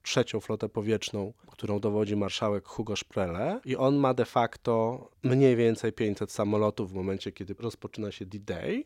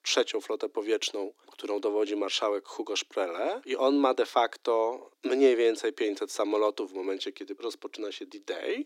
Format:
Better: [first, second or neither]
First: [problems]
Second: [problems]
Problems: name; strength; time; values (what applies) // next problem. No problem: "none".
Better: first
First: none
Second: thin; very slightly; fading below 300 Hz